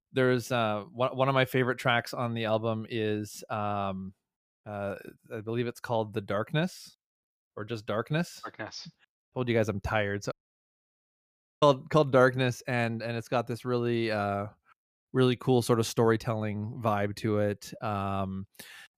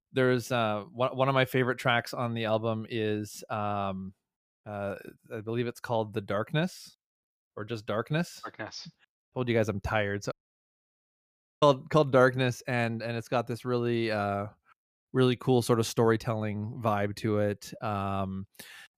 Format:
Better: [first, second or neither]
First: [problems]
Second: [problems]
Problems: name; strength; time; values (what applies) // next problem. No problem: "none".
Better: neither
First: audio cutting out; at 10 s for 1.5 s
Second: audio cutting out; at 10 s for 1.5 s